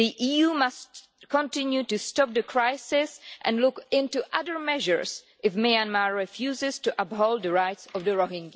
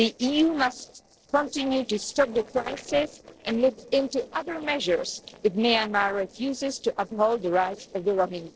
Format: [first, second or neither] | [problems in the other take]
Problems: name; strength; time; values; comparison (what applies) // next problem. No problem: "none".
first | noise reduction (neural separator model SepFormer DNS4)